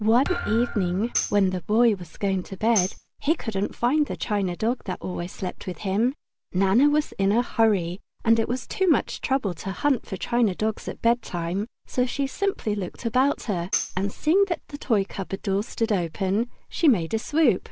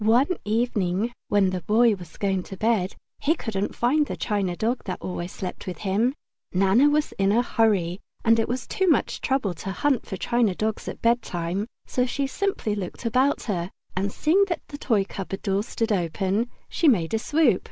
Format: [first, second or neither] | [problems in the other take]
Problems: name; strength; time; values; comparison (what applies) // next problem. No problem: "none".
second | background sound (Tambourine + Thump, thud); 11 dB below the speech